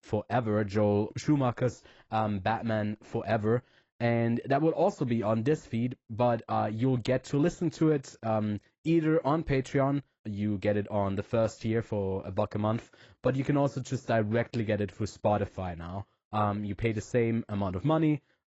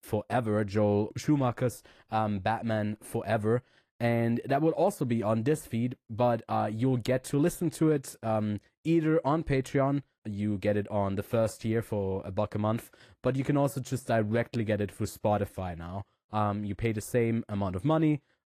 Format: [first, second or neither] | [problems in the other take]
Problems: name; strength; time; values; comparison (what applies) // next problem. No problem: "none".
second | garbled, watery; badly; nothing above 8 kHz; slightly in the second